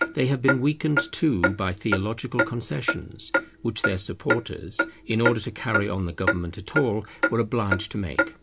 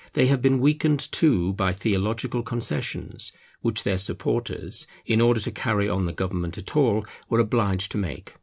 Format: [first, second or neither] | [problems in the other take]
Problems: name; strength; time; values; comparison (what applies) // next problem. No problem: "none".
second | background sound (Clock); 2 dB below the speech